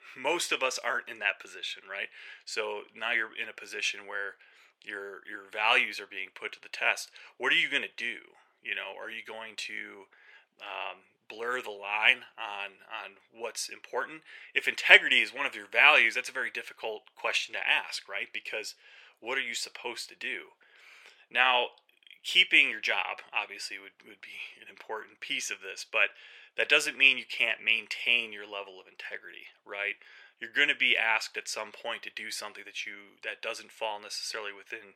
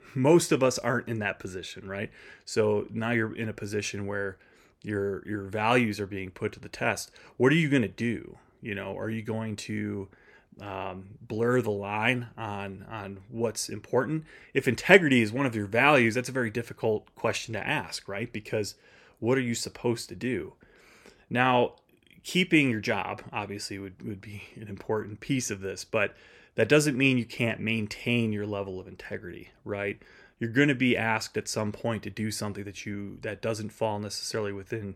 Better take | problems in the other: second | thin; very; fading below 750 Hz

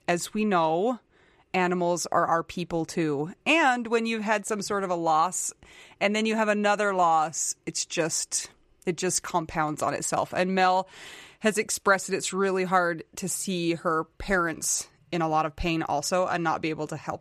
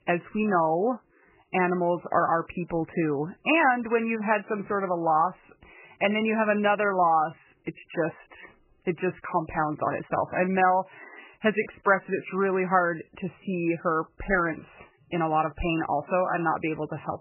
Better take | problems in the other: first | garbled, watery; badly; nothing above 3 kHz

